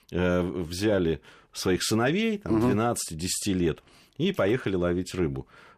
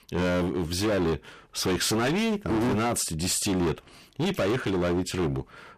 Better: first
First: none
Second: distortion; heavy; 26% of the sound clipped

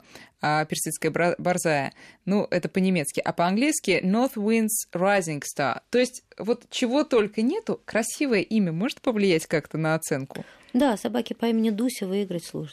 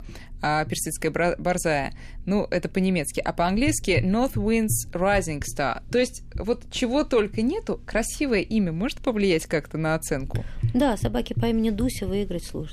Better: first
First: none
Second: low rumble; faint; throughout; 25 dB below the speech

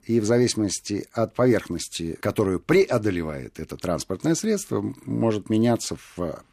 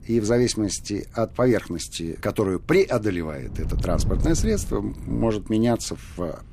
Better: first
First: none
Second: wind noise on the microphone; occasional gusts; 15 dB below the speech

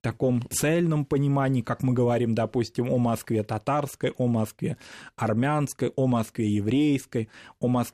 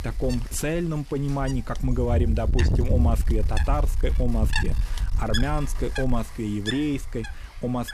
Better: first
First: none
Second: wind noise on the microphone; heavy; 5 dB below the speech

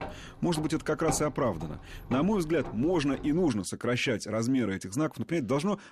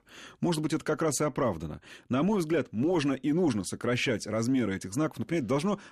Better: second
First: footsteps; noticeable; until 3.5 s; peak 7 dB below the speech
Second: none

